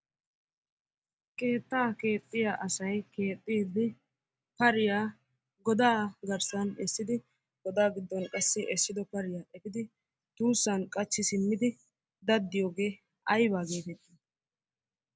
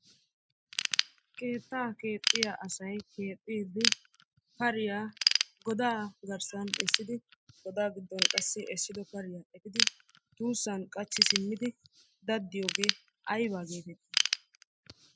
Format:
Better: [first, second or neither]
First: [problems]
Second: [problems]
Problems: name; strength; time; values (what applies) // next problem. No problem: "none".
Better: first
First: none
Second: noise reduction (classical method spectral subtraction)